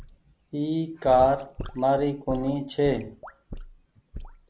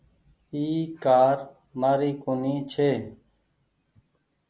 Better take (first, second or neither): second